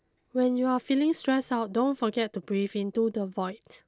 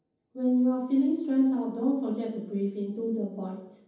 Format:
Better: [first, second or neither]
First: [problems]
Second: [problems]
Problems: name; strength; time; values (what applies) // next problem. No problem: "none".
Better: first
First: none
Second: room echo; dies away in 0.9 s